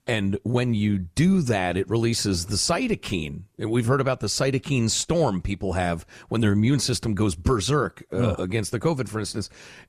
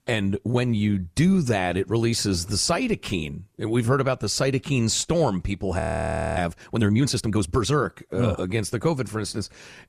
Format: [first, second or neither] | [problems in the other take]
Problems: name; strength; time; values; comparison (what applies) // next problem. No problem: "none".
first | audio freezing; at 6 s for 0.5 s